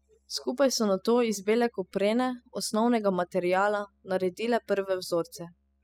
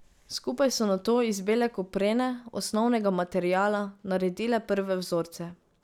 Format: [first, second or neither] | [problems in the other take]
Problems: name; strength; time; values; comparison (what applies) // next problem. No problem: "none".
second | noise reduction (classical method spectral subtraction)